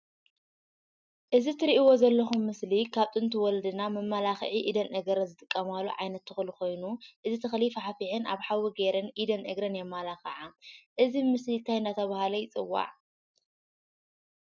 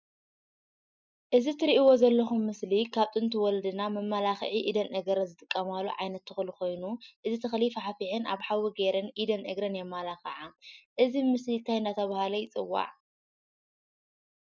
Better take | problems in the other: first | noise reduction (neural mask model Resemble Enhance denoiser)

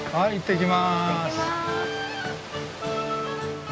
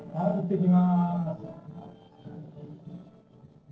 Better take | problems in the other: first | noise reduction (neural separator model SepFormer DNS4)

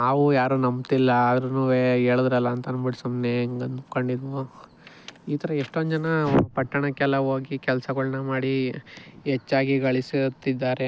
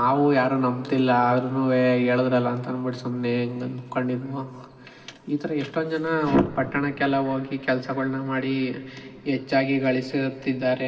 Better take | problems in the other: first | room echo; dies away in 2.6 s

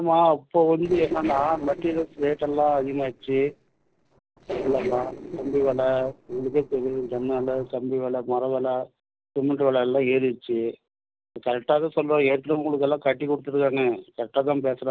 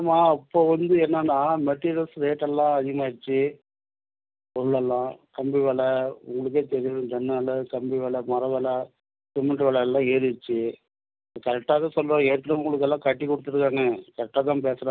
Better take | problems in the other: second | noise reduction (neural separator model SepFormer DNS4)

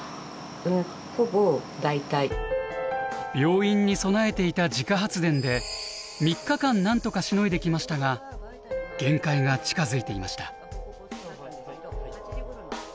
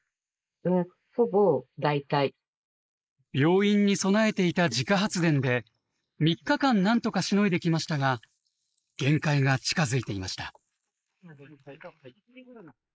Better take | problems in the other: first | noise reduction (neural mask model Resemble Enhance denoiser)

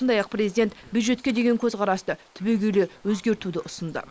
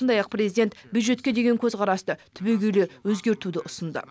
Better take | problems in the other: second | noise reduction (neural mask model Resemble Enhance denoiser)

